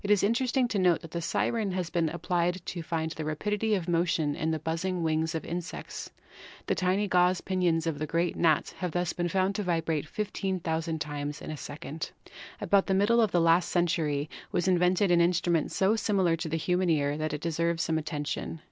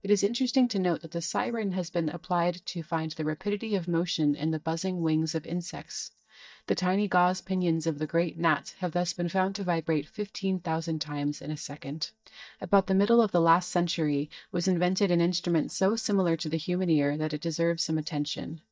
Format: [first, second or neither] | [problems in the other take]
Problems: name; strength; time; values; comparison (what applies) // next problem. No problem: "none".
first | noise reduction (neural mask model DeepFilterNet 3)